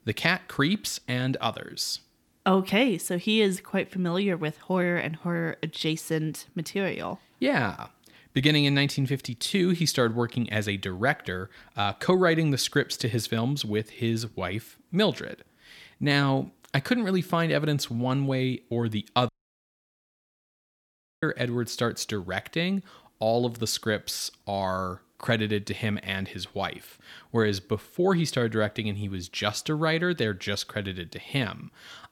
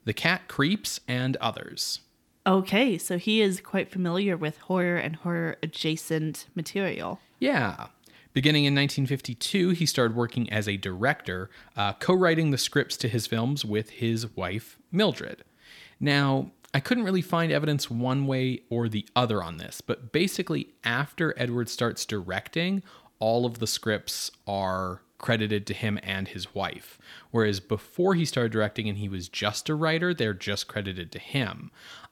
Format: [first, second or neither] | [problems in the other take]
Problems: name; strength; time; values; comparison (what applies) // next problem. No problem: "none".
second | audio cutting out; at 19 s for 2 s